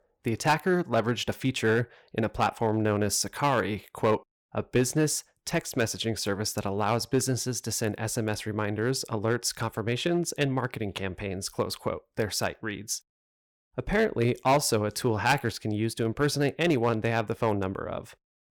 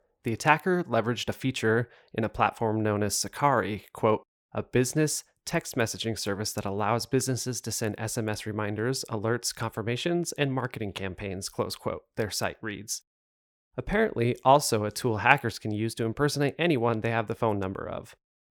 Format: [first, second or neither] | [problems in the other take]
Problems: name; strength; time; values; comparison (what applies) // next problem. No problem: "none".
second | distortion; slight; 2% of the sound clipped